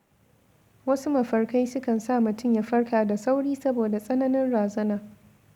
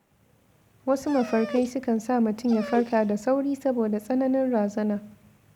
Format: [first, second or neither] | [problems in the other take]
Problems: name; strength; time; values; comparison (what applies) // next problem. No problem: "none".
first | background sound (Dog); 14 dB below the speech